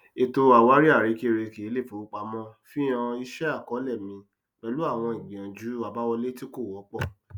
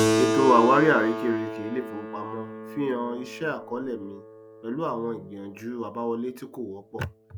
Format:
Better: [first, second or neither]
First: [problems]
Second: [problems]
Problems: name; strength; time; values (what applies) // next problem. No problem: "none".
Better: first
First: none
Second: background sound (Keyboard (musical)); 4 dB below the speech